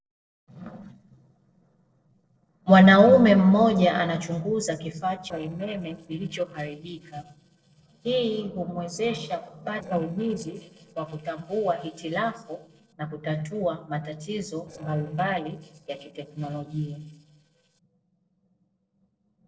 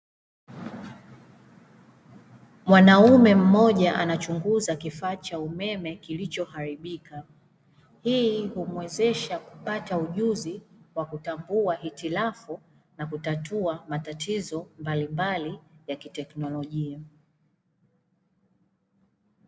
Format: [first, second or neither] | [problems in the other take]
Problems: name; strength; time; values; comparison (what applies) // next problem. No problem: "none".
second | noise reduction (neural separator model SepFormer DNS4)